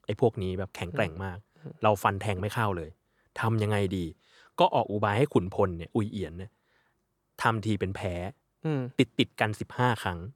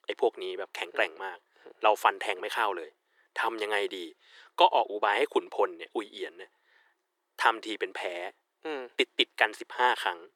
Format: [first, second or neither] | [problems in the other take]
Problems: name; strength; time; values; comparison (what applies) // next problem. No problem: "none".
first | thin; very; fading below 350 Hz